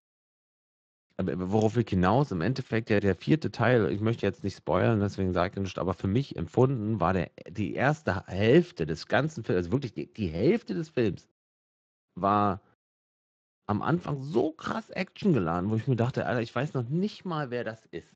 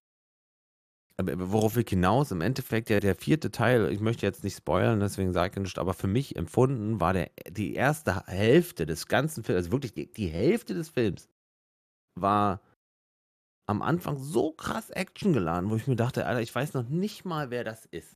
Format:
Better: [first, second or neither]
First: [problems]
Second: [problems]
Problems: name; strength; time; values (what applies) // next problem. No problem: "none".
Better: second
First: garbled, watery; slightly; nothing above 7.5 kHz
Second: none